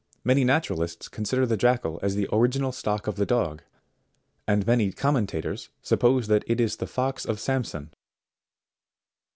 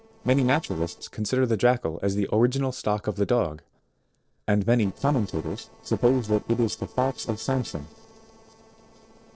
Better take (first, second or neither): first